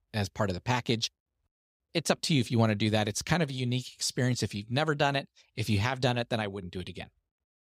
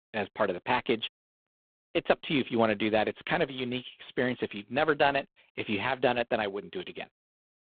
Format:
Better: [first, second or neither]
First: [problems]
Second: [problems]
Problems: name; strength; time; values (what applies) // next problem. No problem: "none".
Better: first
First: none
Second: phone-call audio; poor line; nothing above 4 kHz